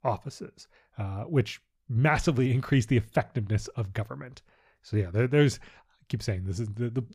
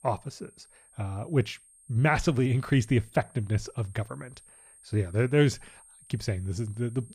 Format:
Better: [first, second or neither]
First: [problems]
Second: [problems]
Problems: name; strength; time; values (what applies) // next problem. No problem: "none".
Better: first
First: none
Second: high-pitched whine; faint; throughout; 8.5 kHz, 25 dB below the speech